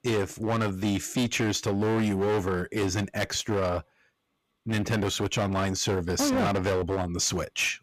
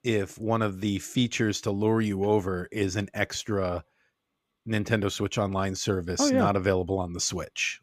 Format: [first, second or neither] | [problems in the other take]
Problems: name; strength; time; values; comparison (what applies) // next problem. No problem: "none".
second | distortion; heavy; 17% of the sound clipped